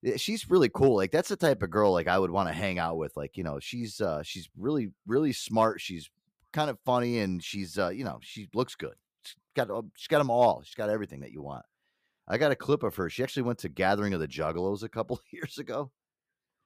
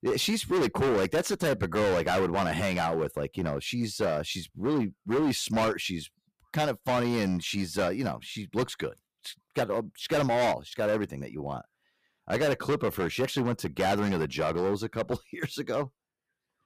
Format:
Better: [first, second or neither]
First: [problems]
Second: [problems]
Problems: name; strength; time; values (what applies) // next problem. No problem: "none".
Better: first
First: none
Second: distortion; heavy; 13% of the sound clipped